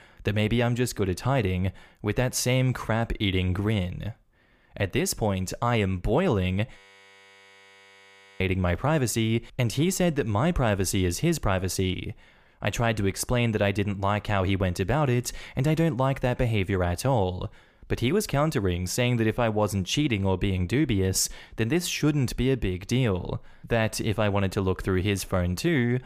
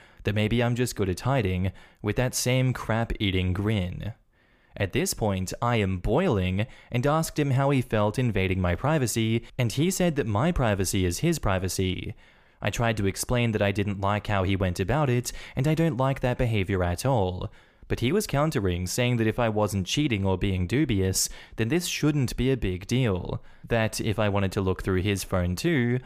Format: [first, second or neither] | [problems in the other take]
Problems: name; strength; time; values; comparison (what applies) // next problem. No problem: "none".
second | audio freezing; at 7 s for 1.5 s